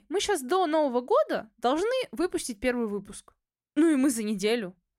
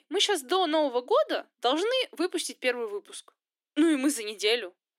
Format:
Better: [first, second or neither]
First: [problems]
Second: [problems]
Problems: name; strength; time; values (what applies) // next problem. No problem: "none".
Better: first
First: none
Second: thin; very slightly; fading below 300 Hz